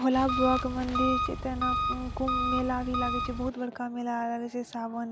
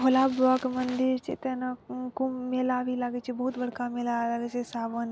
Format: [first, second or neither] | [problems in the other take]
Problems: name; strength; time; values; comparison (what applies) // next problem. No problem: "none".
second | background sound (Engine); 1 dB below the speech